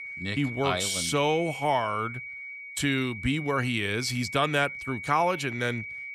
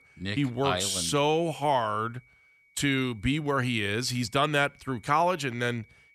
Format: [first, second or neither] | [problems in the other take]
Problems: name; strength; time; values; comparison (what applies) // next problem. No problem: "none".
second | high-pitched whine; loud; throughout; 2.5 kHz, 9 dB below the speech; faint in the second